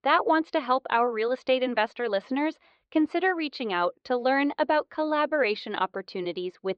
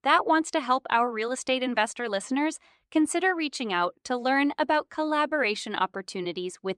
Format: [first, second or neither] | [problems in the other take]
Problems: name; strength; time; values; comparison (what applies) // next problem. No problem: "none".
second | muffled; very slightly; fading above 4.5 kHz